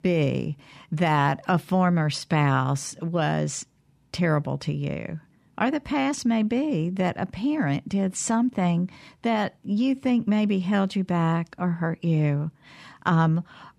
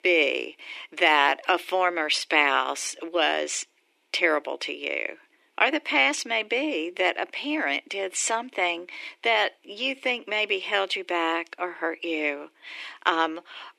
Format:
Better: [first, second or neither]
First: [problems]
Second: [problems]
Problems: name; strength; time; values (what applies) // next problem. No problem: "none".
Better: first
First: none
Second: thin; very; fading below 300 Hz